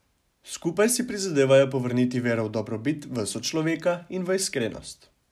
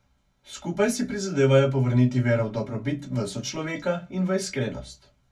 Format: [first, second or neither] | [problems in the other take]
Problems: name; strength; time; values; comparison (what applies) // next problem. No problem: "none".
first | room echo; dies away in 0.1 s